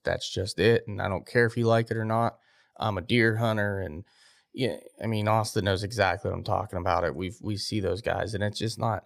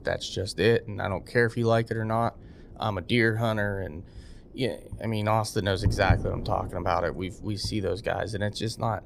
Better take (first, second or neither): first